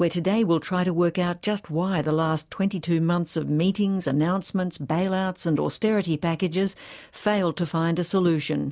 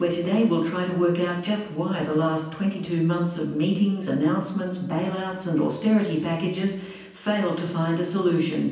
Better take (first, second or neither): first